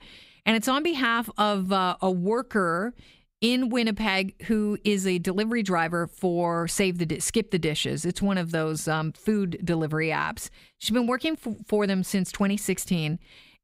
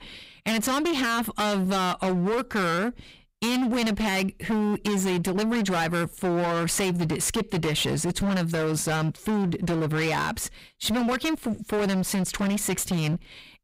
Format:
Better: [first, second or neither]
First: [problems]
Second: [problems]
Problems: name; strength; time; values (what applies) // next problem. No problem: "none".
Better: first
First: none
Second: distortion; heavy; 34% of the sound clipped